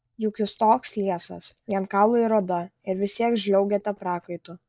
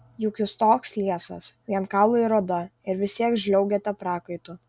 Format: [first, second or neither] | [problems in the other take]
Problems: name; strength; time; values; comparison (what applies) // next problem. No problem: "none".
second | noise reduction (neural mask model DeepFilterNet 3)